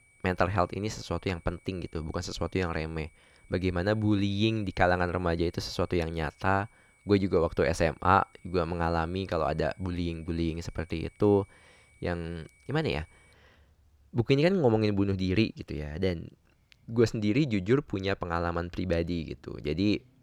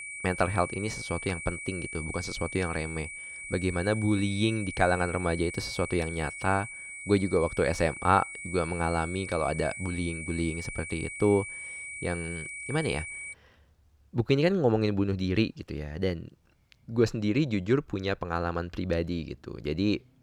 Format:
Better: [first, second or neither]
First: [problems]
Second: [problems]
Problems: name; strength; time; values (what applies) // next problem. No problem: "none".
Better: first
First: high-pitched whine; faint; until 13 s; 2.5 kHz, 30 dB below the speech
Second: high-pitched whine; loud; until 13 s; 2.5 kHz, 8 dB below the speech